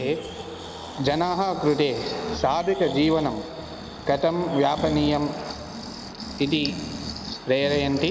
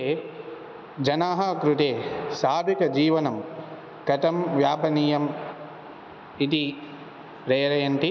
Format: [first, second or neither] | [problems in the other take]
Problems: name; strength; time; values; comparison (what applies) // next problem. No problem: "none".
second | background sound (Breathing); 11 dB below the speech